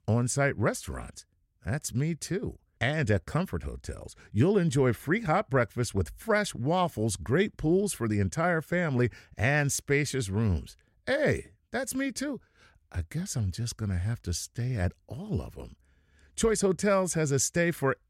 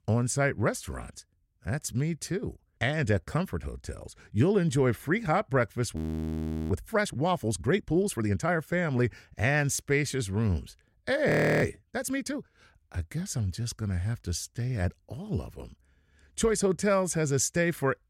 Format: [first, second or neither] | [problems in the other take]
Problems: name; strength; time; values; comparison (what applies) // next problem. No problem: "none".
first | audio freezing; at 6 s for 0.5 s and at 11 s